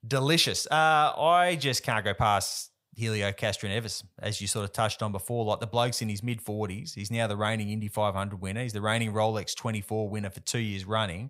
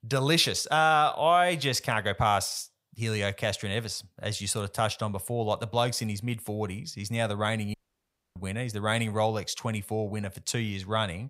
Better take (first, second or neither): first